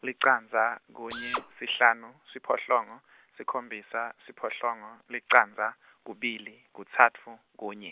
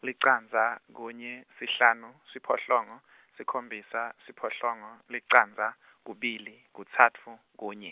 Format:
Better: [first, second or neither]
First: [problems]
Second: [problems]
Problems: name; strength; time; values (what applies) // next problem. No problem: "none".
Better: second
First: background sound (Drill); 8 dB below the speech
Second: none